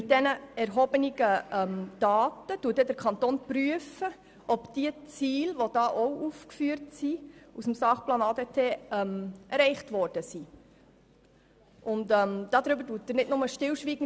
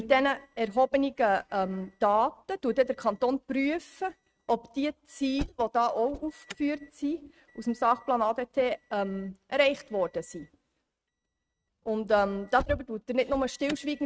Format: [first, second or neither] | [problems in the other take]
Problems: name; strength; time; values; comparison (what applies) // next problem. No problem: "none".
first | noise reduction (neural mask model RNNoise)